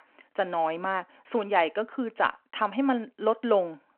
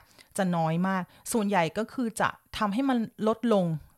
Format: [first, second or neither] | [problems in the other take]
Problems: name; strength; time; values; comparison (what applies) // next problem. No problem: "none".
second | phone-call audio